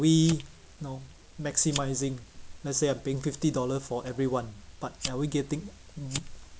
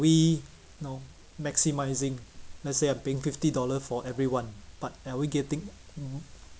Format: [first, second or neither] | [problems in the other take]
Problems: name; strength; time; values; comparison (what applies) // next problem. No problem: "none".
second | background sound (Fire); 14 dB below the speech